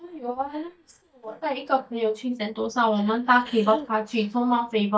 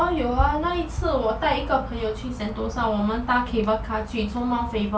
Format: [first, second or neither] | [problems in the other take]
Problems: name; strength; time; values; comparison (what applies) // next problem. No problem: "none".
second | noise reduction (neural mask model DeepFilterNet 3)